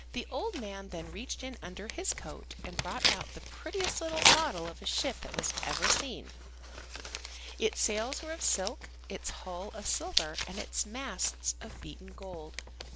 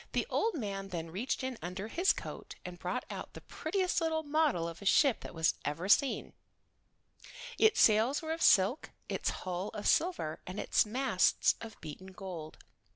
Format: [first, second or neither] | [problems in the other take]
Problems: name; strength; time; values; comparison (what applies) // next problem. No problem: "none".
second | background sound (Tearing); 1 dB above the speech